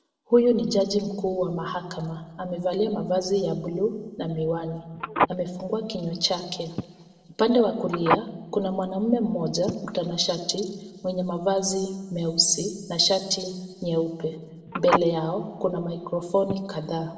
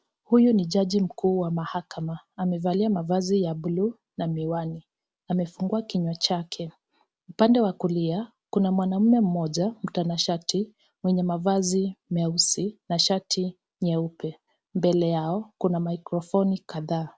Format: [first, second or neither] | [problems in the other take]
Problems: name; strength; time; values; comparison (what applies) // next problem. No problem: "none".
second | background sound (Telephone); 6 dB below the speech // room echo; dies away in 1.3 s